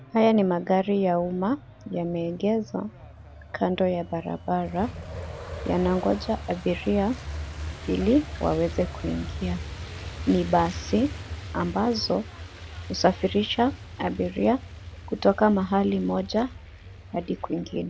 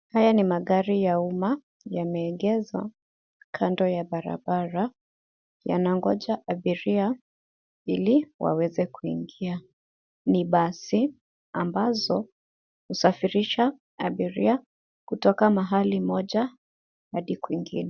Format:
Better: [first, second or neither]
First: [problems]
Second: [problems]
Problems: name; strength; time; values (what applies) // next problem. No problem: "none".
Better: second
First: background sound (Truck); 12 dB below the speech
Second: none